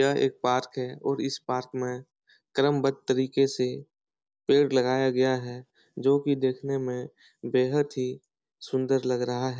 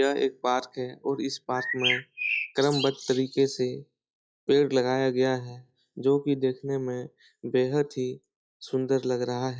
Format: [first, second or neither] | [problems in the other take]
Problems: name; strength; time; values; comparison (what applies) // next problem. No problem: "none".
first | noise reduction (classical method log-MMSE)